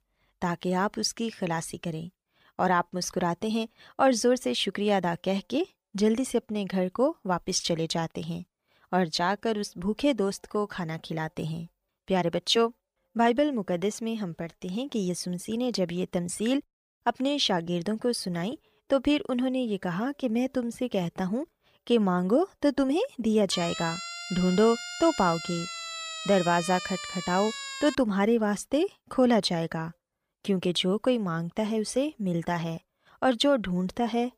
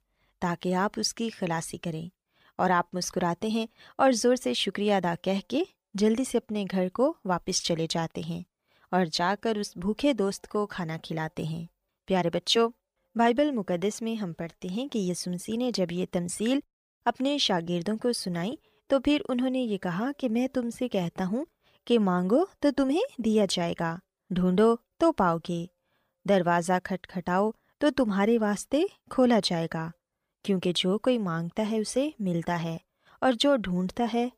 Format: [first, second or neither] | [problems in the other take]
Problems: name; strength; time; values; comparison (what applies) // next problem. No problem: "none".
second | siren; noticeable; from 24 to 28 s; peak 6 dB below the speech